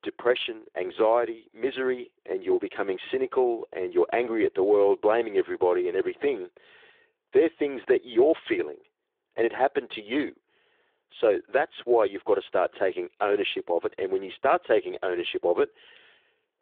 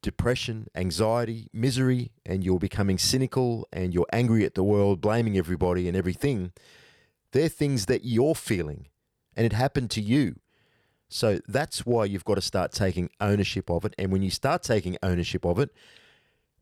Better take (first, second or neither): second